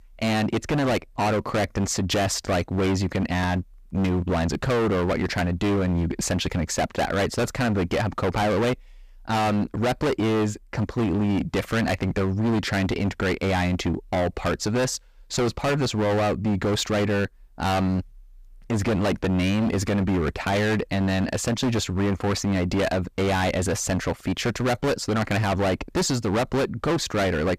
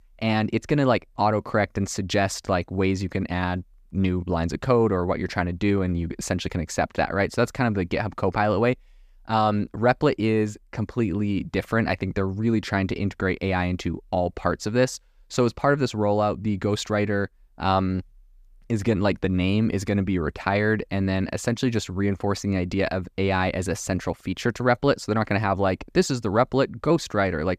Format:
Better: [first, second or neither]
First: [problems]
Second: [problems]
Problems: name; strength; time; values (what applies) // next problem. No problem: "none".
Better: second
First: distortion; heavy; 25% of the sound clipped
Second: none